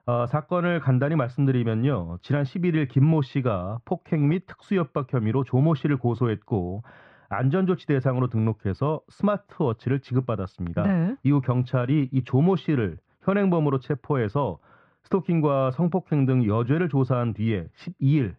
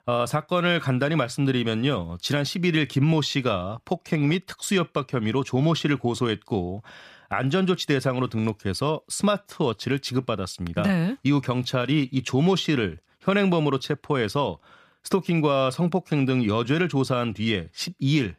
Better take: second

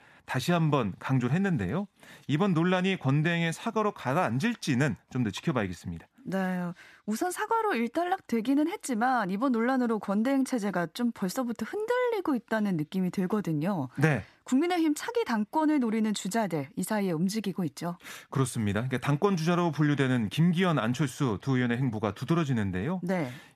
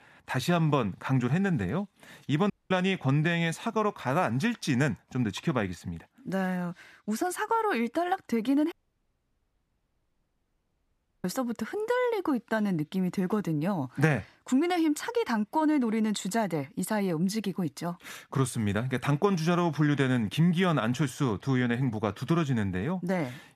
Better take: first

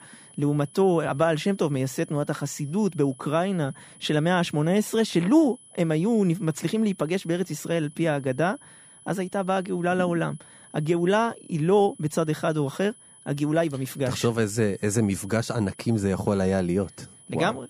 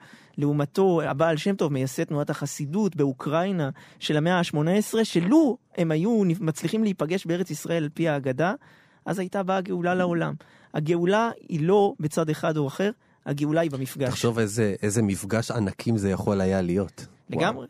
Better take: second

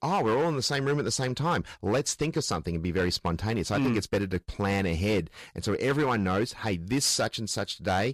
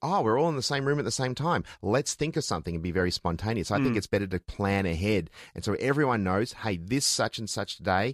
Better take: second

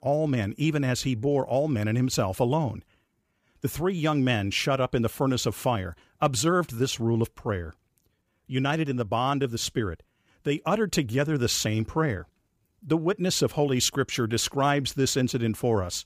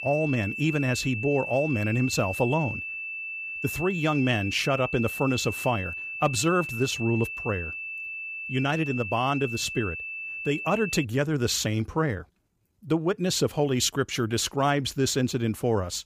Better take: first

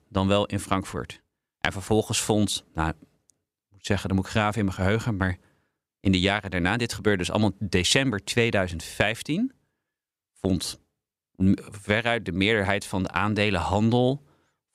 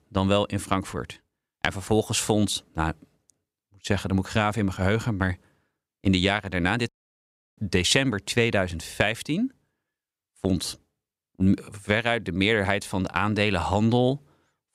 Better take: first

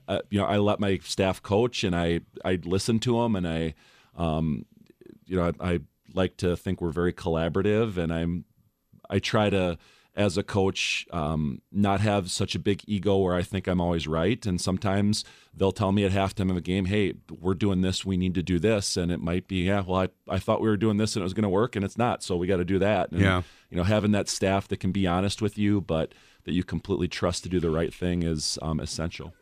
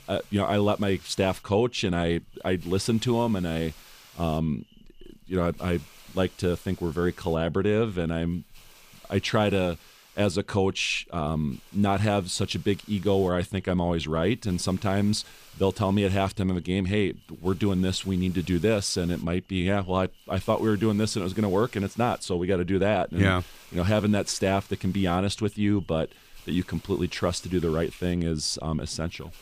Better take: first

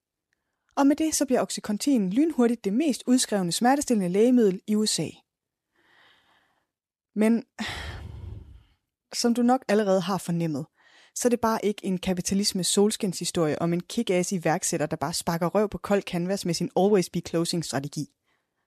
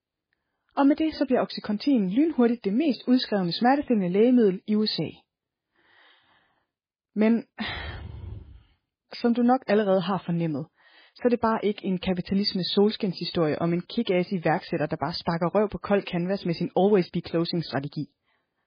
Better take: first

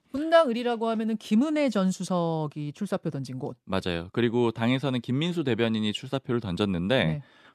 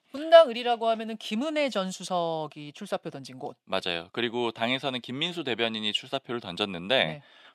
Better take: first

